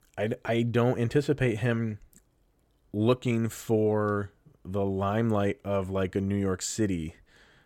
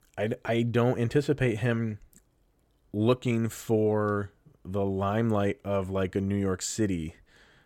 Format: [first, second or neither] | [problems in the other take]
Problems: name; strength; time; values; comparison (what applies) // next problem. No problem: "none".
neither | none